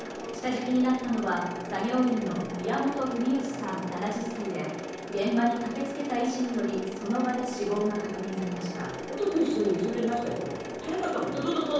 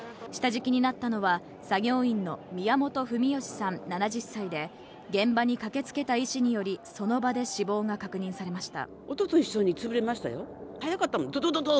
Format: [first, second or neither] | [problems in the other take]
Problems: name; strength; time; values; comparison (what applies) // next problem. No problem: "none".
second | background sound (Mechanisms); 10 dB below the speech // room echo; dies away in 1.1 s